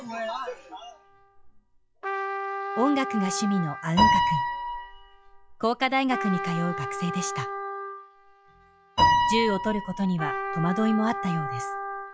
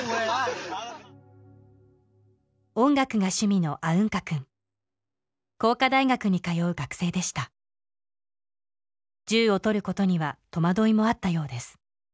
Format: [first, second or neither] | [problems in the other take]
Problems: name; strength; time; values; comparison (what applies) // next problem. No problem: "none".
second | noise reduction (classical method log-MMSE)